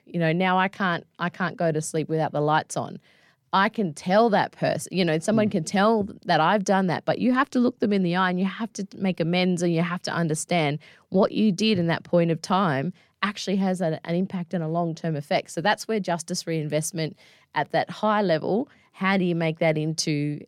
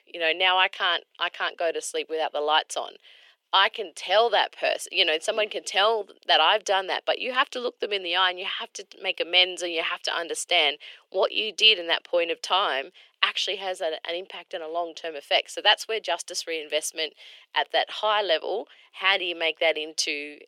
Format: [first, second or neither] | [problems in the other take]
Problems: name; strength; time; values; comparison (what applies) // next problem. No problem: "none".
first | thin; very; fading below 400 Hz